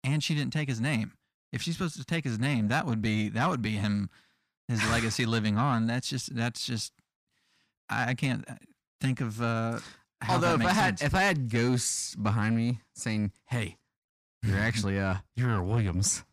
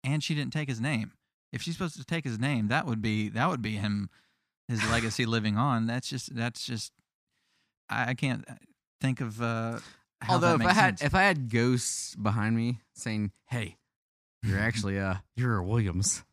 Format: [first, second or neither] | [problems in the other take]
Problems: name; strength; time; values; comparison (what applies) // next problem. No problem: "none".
second | distortion; slight; 10 dB below the speech